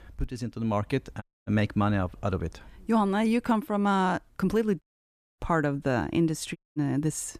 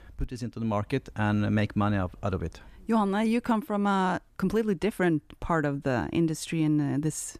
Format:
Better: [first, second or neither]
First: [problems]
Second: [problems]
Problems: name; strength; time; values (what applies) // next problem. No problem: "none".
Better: second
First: audio cutting out; at 1 s, at 5 s for 0.5 s and at 6.5 s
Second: none